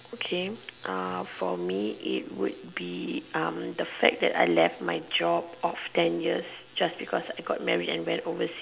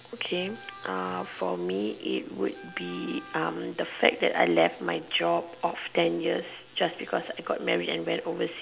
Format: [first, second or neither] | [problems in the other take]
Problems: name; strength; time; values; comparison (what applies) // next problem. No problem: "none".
first | background sound (Wind instrument, woodwind instrument); 19 dB below the speech